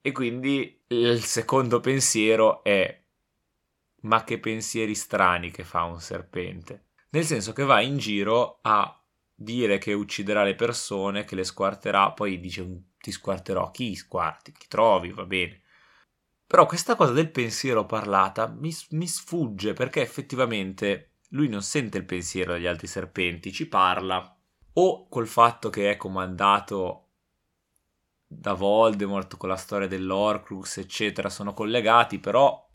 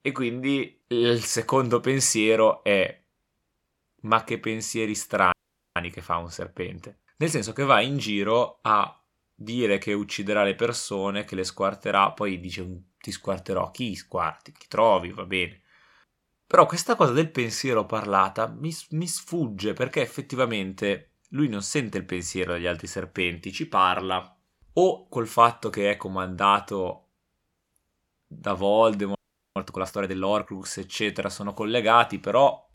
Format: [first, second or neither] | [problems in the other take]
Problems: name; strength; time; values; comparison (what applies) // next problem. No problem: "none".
first | audio freezing; at 5.5 s and at 29 s